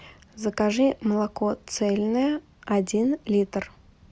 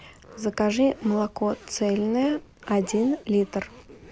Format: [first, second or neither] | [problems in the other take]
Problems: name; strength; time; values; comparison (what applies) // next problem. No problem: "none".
first | background sound (Zipper (clothing)); 19 dB below the speech